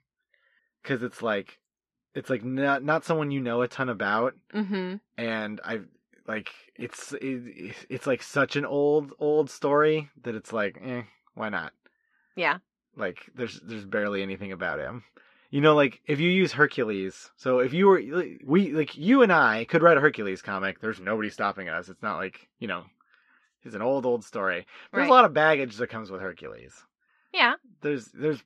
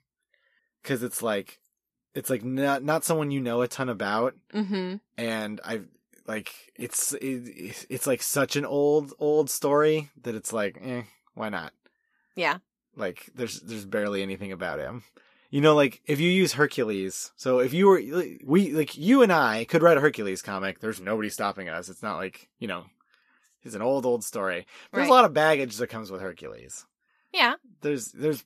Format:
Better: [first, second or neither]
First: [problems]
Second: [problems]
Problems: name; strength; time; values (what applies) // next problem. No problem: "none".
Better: second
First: muffled; slightly; fading above 3 kHz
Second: none